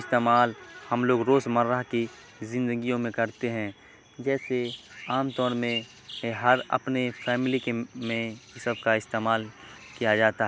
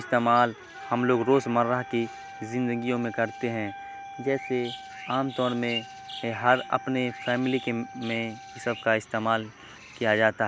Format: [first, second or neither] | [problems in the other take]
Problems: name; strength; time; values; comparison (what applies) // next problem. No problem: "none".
first | background sound (Wind instrument, woodwind instrument); 16 dB below the speech